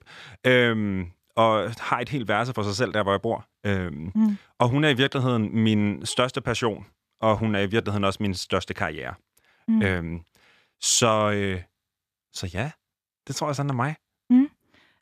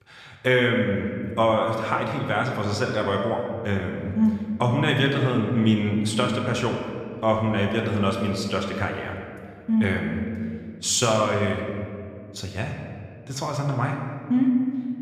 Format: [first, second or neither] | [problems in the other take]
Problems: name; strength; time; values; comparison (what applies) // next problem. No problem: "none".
first | room echo; noticeable; dies away in 1.8 s // off-mic speech; somewhat distant